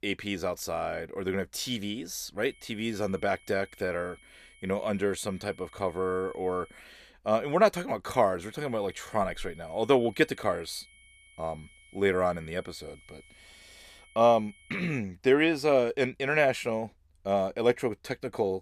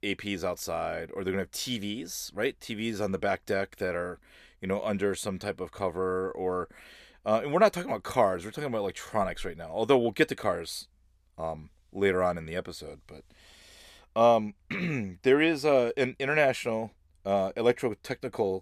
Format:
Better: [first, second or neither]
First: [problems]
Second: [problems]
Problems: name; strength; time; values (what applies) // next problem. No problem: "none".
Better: second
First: high-pitched whine; faint; from 2.5 to 7 s and from 8.5 to 15 s; 2 kHz, 25 dB below the speech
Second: none